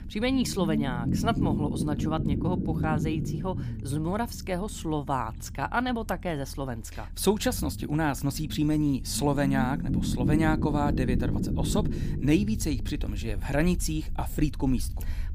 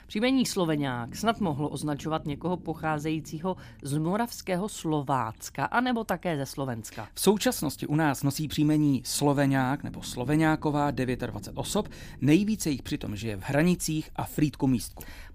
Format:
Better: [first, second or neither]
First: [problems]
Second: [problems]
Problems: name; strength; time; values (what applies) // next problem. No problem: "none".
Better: second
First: low rumble; loud; throughout; 7 dB below the speech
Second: low rumble; faint; throughout; 25 dB below the speech